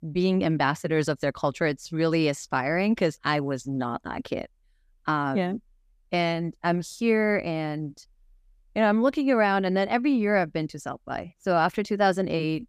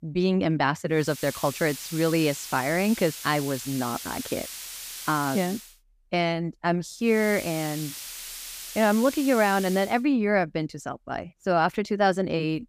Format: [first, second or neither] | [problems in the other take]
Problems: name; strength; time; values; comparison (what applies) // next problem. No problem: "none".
first | hiss; noticeable; from 1 to 5.5 s and from 7 to 10 s; 10 dB below the speech